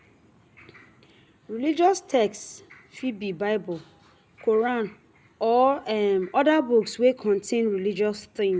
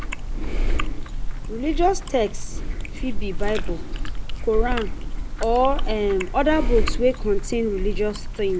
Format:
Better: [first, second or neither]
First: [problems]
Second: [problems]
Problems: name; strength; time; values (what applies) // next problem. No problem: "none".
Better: first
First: none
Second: background sound (Chewing, mastication); 2 dB above the speech